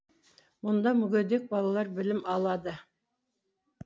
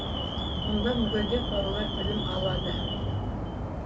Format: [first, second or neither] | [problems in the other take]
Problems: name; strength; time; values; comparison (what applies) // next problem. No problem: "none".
first | background sound (Alarm); 3 dB above the speech // room echo; dies away in 1.8 s